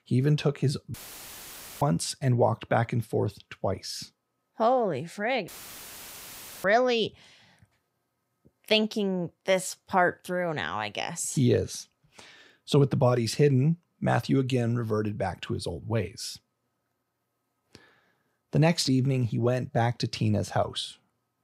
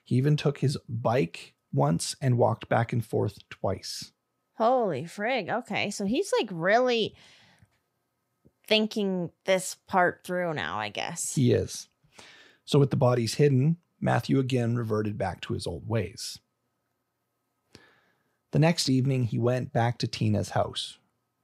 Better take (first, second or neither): second